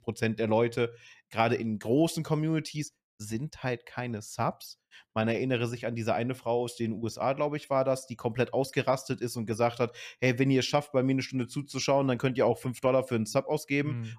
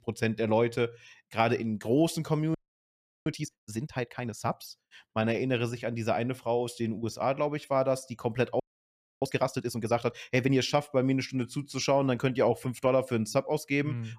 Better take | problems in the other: first | audio freezing; at 2.5 s for 0.5 s and at 8.5 s for 0.5 s

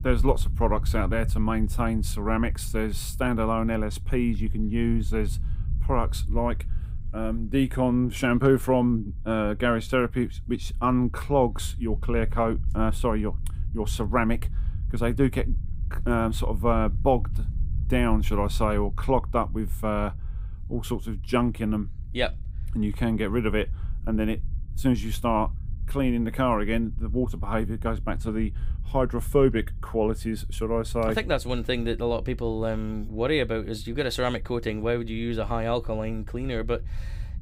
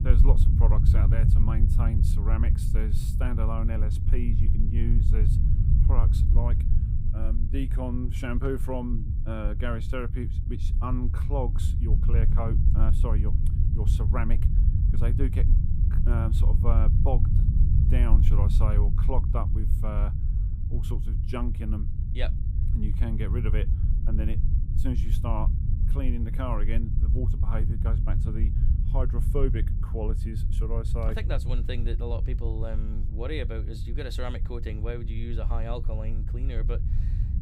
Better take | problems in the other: first | low rumble; loud; throughout; 5 dB below the speech; faint in the first

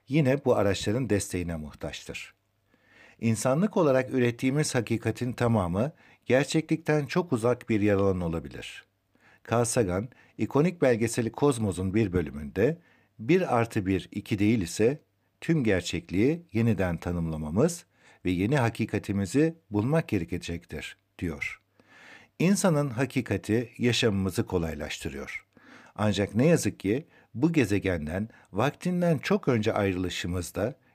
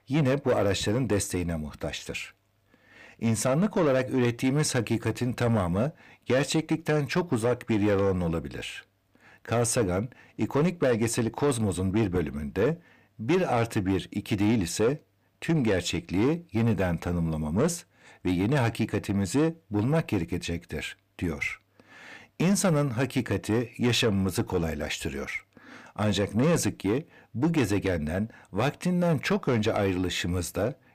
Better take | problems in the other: first | distortion; slight; 10 dB below the speech

